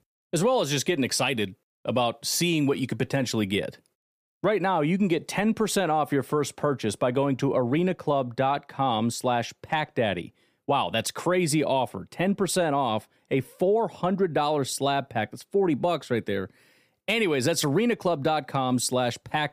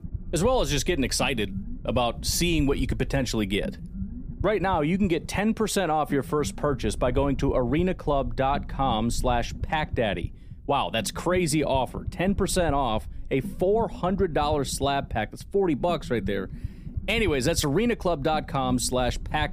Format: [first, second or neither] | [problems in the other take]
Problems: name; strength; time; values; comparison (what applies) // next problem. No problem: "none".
first | low rumble; faint; throughout; 20 dB below the speech